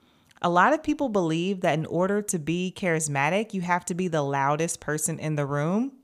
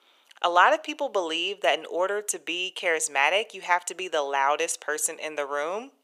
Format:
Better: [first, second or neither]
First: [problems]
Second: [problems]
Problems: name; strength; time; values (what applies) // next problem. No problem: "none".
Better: first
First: none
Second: thin; very; fading below 450 Hz